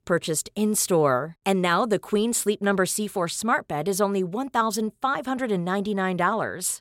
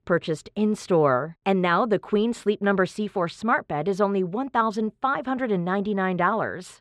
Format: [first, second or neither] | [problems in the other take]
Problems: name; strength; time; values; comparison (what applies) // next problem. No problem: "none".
first | muffled; slightly; fading above 3 kHz